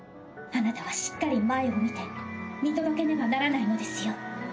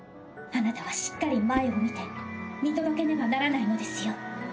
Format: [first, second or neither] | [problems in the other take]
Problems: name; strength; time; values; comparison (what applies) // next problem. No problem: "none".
first | background sound (Whoosh, swoosh, swish); 14 dB below the speech